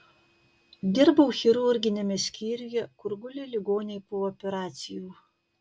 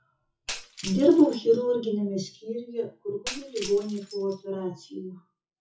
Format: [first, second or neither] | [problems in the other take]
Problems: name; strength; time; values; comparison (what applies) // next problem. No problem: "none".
first | noise reduction (classical method WPE with log-MMSE)